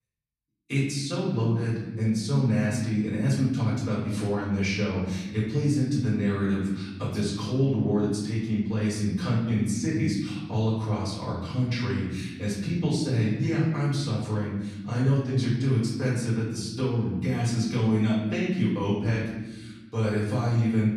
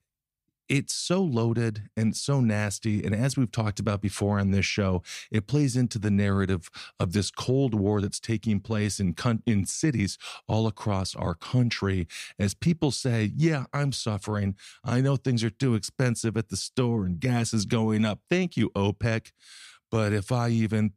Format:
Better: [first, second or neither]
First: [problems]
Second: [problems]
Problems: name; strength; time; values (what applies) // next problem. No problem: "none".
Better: second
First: room echo; noticeable; dies away in 1.3 s // off-mic speech; far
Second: none